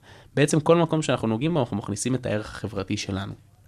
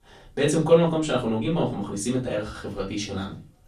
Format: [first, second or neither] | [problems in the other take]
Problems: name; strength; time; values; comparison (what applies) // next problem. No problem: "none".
first | off-mic speech; far // room echo; very slight; dies away in 0.3 s